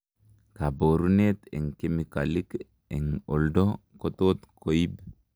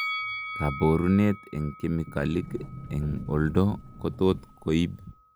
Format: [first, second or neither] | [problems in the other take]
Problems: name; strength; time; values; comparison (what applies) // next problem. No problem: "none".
first | background sound (Sliding door + Bell); 11 dB below the speech